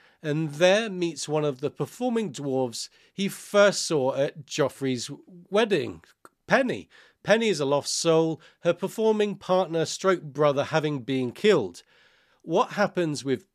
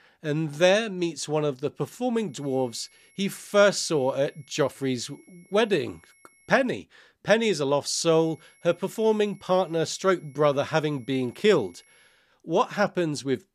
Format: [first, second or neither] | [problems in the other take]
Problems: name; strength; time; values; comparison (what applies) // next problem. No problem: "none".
first | high-pitched whine; faint; from 2.5 to 6.5 s and from 8 to 12 s; 2 kHz, 35 dB below the speech